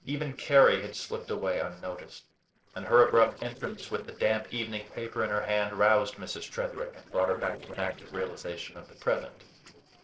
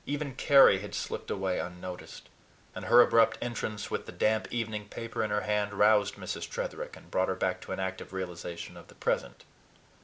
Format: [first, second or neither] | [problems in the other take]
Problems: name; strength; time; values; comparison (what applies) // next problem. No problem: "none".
second | noise reduction (neural separator model SepFormer DNS4)